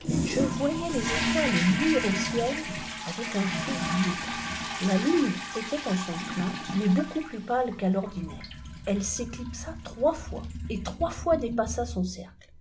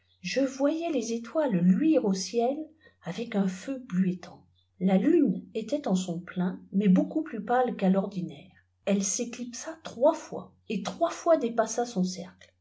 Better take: second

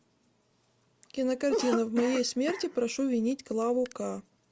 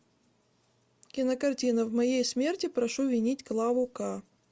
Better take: second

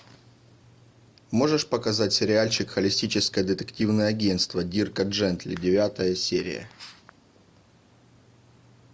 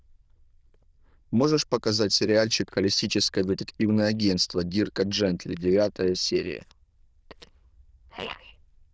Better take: first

